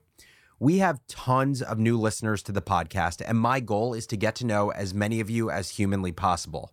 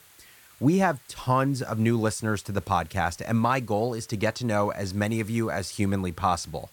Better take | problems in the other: first | hiss; faint; throughout; 25 dB below the speech

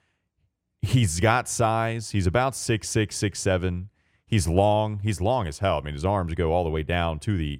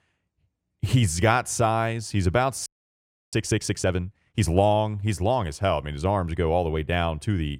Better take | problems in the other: first | audio freezing; at 2.5 s for 0.5 s

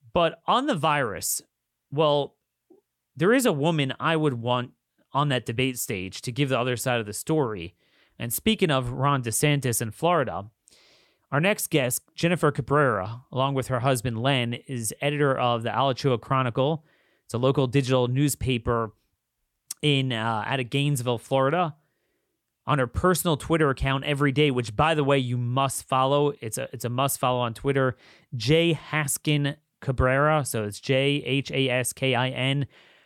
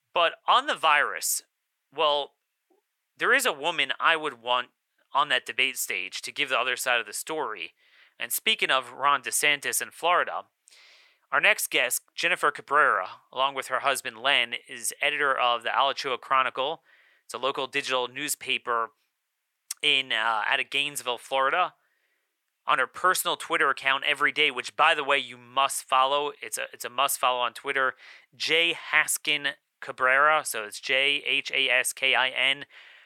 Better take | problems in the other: first | thin; very; fading below 700 Hz

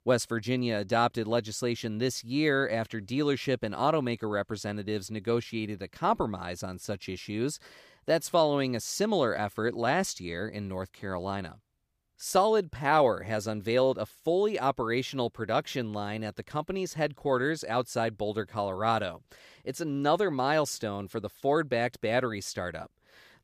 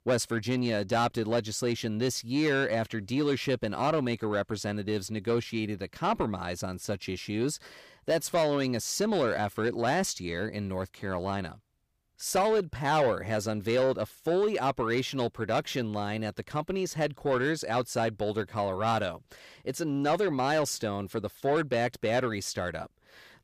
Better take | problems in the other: first | distortion; slight; 10 dB below the speech

